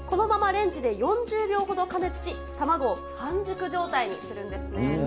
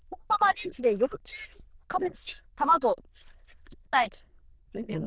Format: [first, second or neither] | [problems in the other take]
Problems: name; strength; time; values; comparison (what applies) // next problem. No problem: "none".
first | noise reduction (neural diffusion model UNIVERSE++)